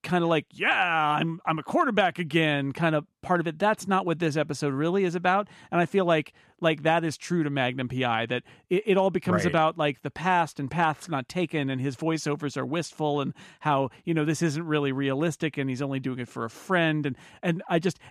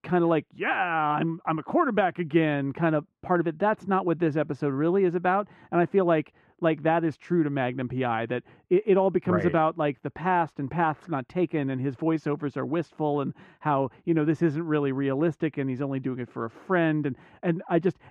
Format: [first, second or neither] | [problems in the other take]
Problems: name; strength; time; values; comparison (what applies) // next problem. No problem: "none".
first | muffled; very; fading above 3.5 kHz